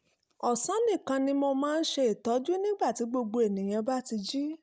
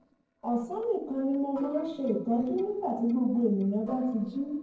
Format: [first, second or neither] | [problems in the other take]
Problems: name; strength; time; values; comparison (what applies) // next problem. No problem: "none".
first | noise reduction (neural separator model SepFormer DNS4)